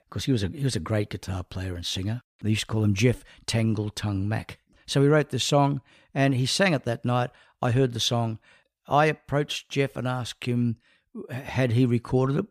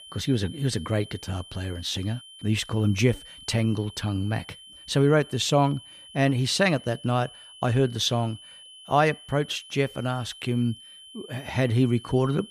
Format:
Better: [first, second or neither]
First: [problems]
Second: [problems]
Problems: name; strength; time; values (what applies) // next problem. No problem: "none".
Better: first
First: none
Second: high-pitched whine; noticeable; throughout; 3 kHz, 20 dB below the speech